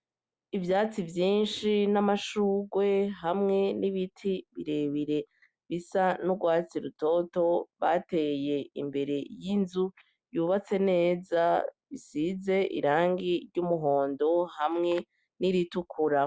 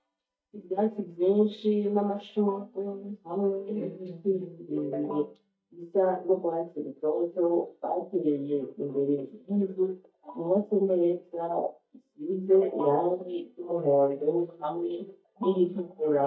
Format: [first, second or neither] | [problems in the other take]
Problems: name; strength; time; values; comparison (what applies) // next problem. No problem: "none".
first | noise reduction (neural mask model DeepFilterNet 3)